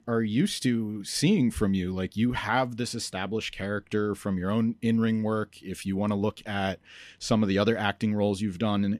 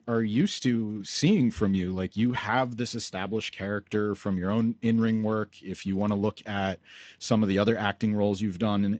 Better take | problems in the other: first | garbled, watery; slightly; nothing above 7.5 kHz

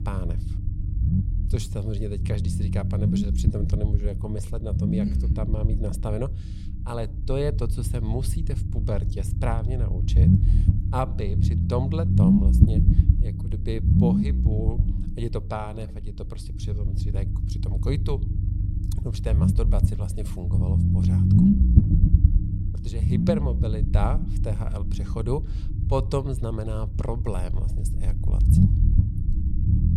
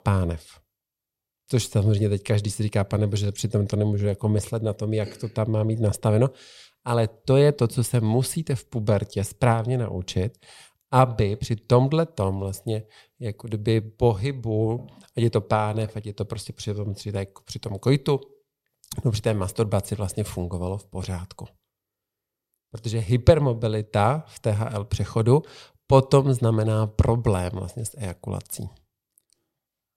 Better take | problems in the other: second | low rumble; loud; throughout; 1 dB below the speech

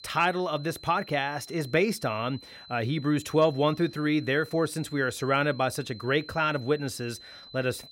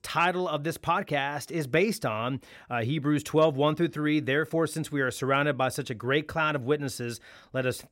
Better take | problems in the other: second | high-pitched whine; noticeable; throughout; 4 kHz, 20 dB below the speech

